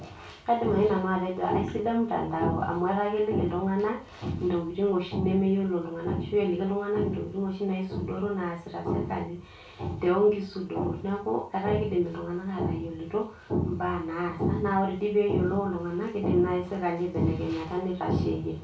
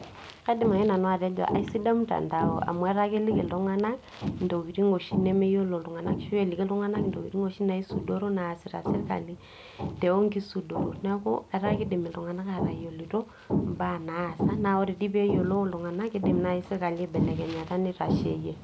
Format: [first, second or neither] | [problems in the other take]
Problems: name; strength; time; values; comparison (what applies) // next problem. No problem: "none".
second | room echo; dies away in 0.3 s